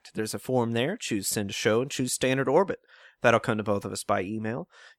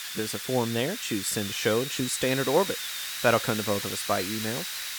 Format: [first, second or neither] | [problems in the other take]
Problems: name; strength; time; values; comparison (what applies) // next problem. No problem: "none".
first | hiss; loud; throughout; 4 dB below the speech